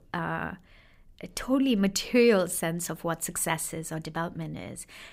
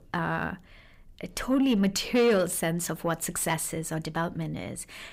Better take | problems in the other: first | distortion; slight; 10 dB below the speech

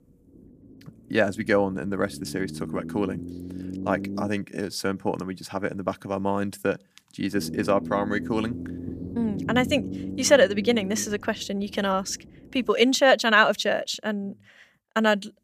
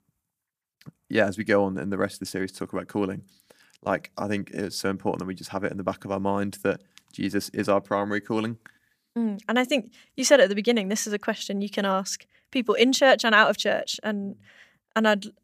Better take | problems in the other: second | low rumble; noticeable; until 4.5 s and from 7.5 to 13 s; 15 dB below the speech

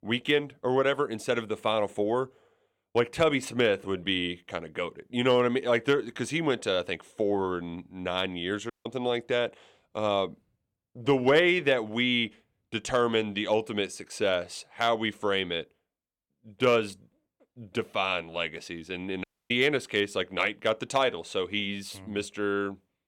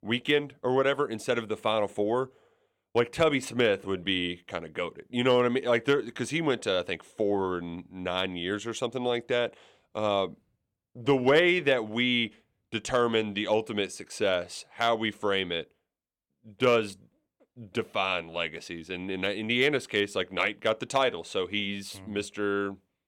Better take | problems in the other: second | audio cutting out; at 8.5 s and at 19 s

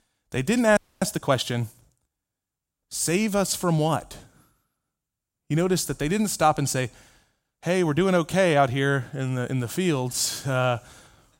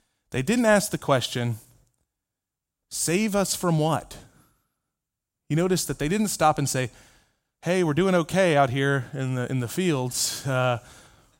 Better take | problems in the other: second | audio freezing; at 1 s

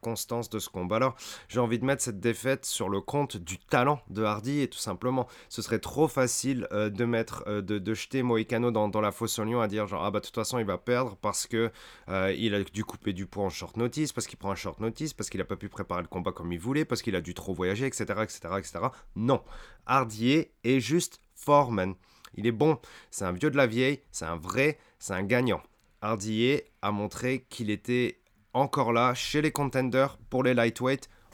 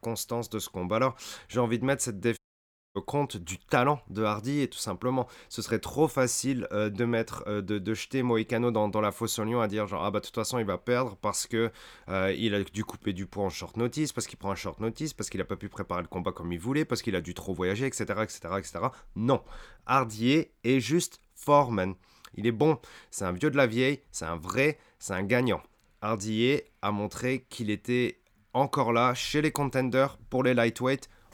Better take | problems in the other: first | audio cutting out; at 2.5 s for 0.5 s

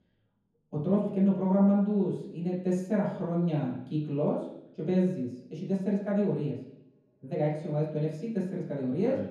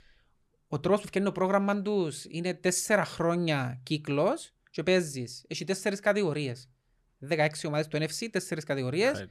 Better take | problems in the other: second | room echo; noticeable; dies away in 0.9 s // off-mic speech; far

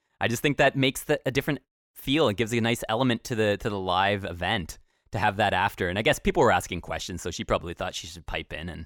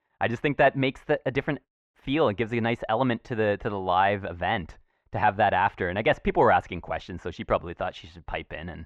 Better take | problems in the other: first | muffled; very; fading above 2 kHz

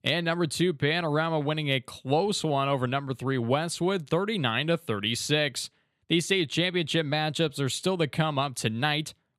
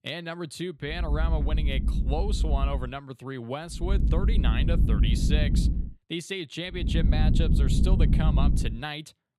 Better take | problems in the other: first | low rumble; loud; from 1 to 3 s, from 4 to 6 s and from 7 to 8.5 s; 5 dB below the speech

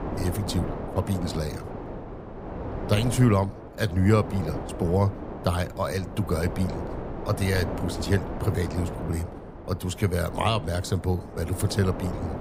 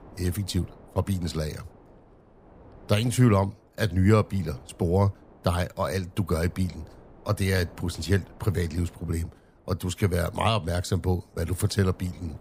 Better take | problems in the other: second | wind noise on the microphone; heavy; 7 dB below the speech; occasional gusts in the second

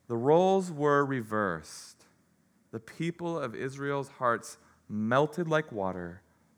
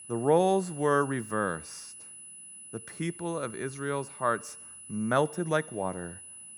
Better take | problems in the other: first | high-pitched whine; noticeable; throughout; 10 kHz, 15 dB below the speech

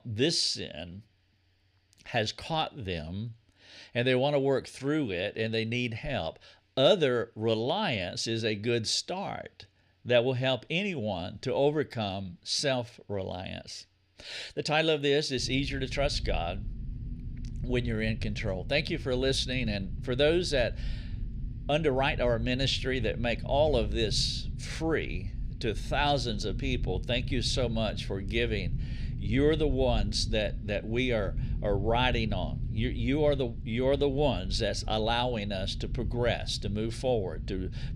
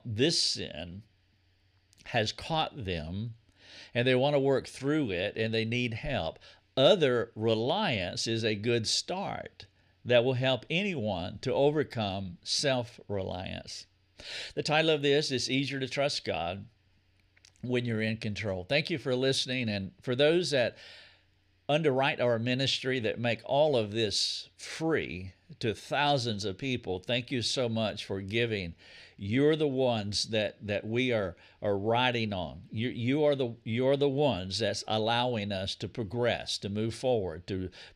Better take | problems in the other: second | low rumble; faint; from 15 s on; 20 dB below the speech

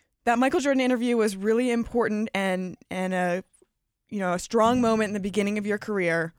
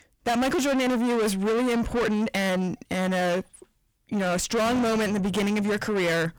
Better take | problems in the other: first | distortion; heavy; 5 dB below the speech

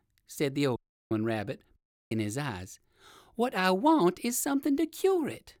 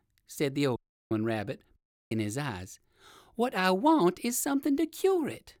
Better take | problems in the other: neither | audio cutting out; at 1 s and at 2 s; the same in both

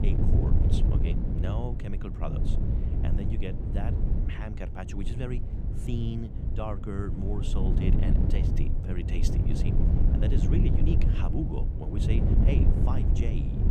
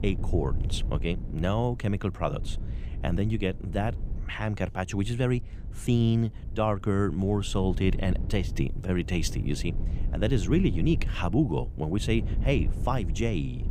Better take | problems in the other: second | wind noise on the microphone; heavy; as loud as the speech; occasional gusts in the second

